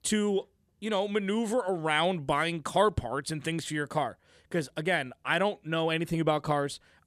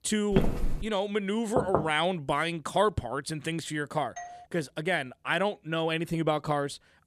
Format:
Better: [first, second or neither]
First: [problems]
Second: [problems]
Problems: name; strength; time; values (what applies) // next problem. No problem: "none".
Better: first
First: none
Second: footsteps; loud; at 0.5 s; peak level with the speech // door banging; loud; at 1.5 s; peak 1 dB above the speech // doorbell; faint; at 4 s; peak 15 dB below the speech